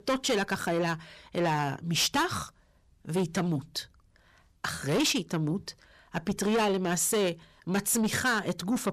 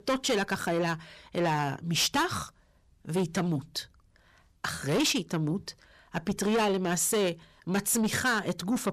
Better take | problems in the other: neither | distortion; heavy; 7 dB below the speech; the same in both

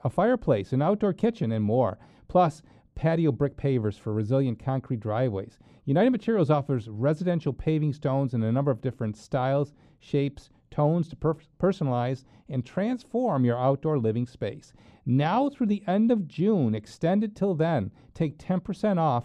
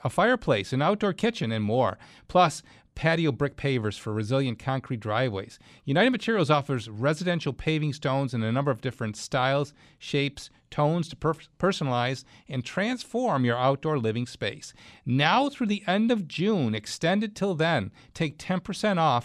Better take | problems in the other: second | muffled; slightly; fading above 1 kHz

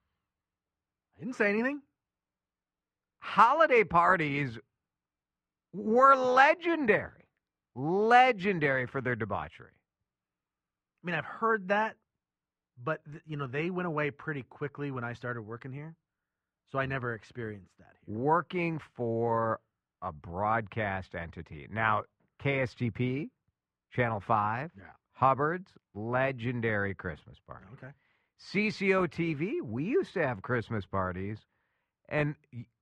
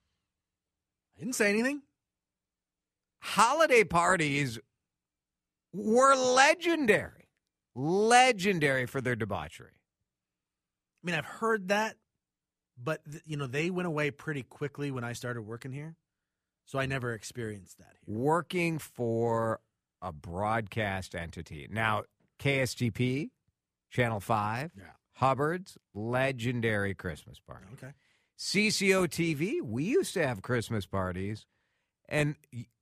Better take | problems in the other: second | muffled; very; fading above 2.5 kHz

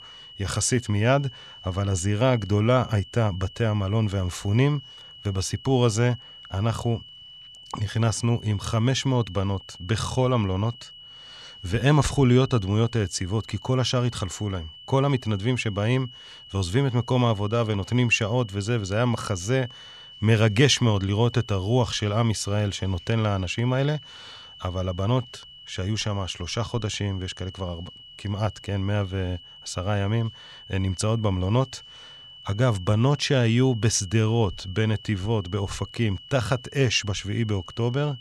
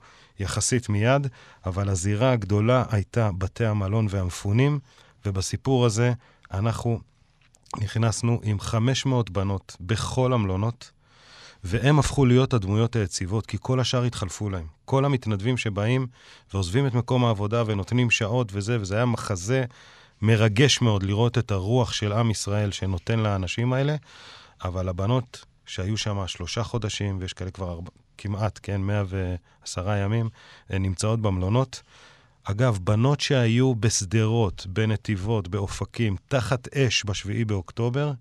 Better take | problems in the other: second | high-pitched whine; noticeable; throughout; 3 kHz, 20 dB below the speech

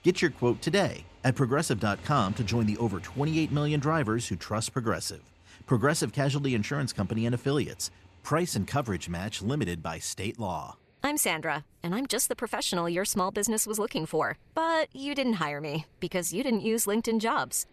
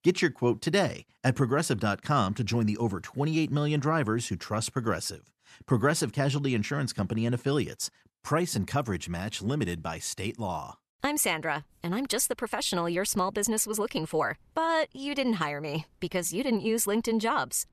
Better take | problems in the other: second | traffic noise; faint; throughout; 20 dB below the speech

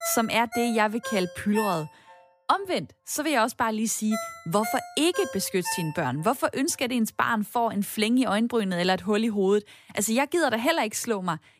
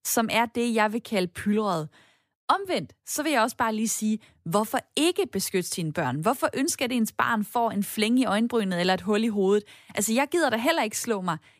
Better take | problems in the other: second | phone ringing; noticeable; until 6 s; peak 8 dB below the speech

